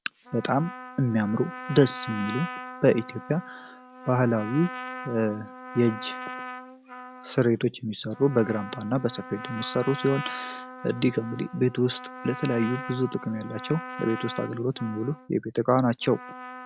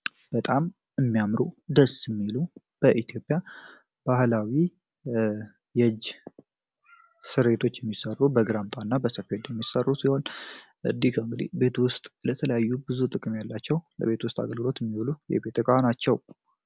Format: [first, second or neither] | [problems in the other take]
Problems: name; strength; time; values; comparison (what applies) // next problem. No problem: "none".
second | background sound (Trumpet); 12 dB below the speech